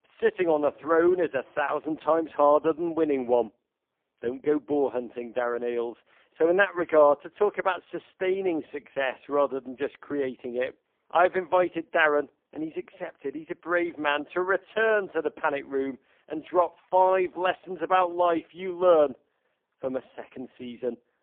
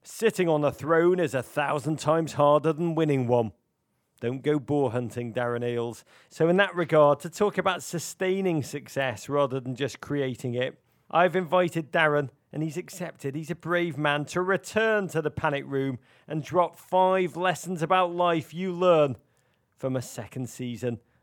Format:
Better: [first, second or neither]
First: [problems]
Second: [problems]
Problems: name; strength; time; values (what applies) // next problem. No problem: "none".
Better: second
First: phone-call audio; poor line; nothing above 3 kHz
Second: none